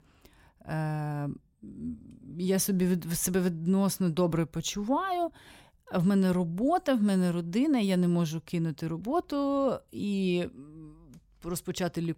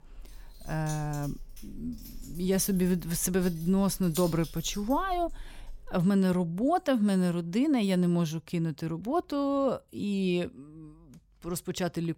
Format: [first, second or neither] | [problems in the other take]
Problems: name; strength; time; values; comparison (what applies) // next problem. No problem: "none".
first | jangling keys; noticeable; until 6 s; peak 10 dB below the speech